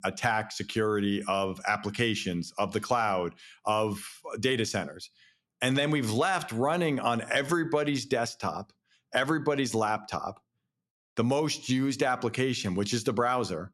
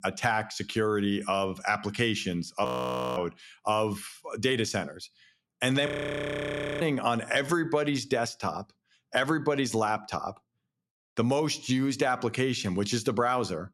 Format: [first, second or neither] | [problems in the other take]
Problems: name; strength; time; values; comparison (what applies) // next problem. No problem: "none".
first | audio freezing; at 2.5 s for 0.5 s and at 6 s for 1 s